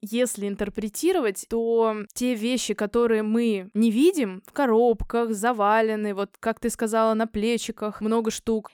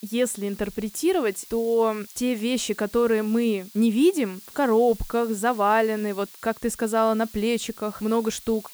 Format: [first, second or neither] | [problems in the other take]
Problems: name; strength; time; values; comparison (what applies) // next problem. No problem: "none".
first | hiss; noticeable; throughout; 20 dB below the speech